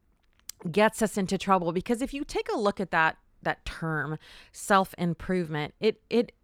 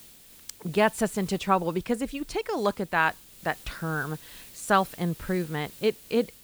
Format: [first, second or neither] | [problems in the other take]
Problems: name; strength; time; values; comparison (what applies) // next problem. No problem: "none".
first | hiss; noticeable; throughout; 20 dB below the speech